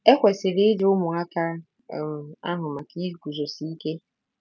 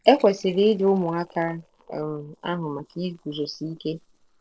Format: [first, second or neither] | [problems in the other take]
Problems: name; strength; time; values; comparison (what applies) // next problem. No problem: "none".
first | noise reduction (neural separator model SepFormer DNS4)